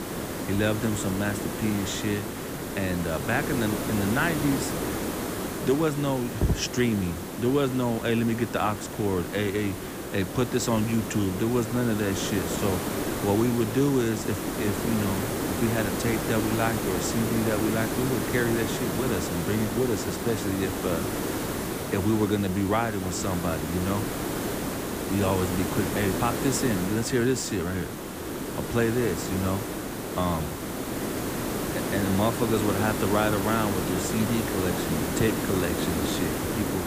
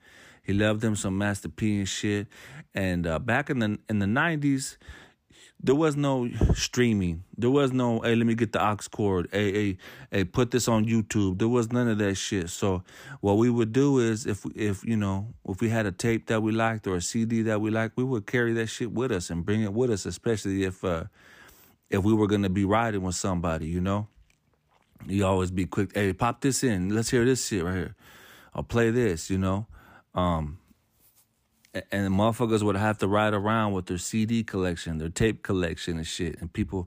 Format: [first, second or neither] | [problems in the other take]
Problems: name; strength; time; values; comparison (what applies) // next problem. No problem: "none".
second | hiss; loud; throughout; 3 dB below the speech